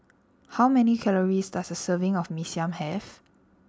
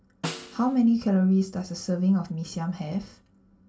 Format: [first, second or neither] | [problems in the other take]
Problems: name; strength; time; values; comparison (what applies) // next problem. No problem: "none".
first | background sound (Snare drum); 15 dB below the speech // room echo; dies away in 0.2 s